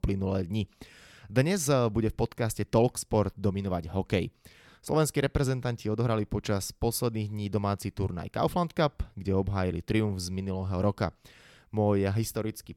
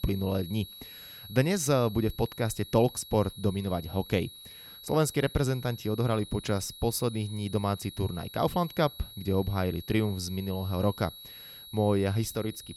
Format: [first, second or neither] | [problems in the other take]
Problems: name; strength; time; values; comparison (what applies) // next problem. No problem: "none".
first | high-pitched whine; noticeable; throughout; 4 kHz, 15 dB below the speech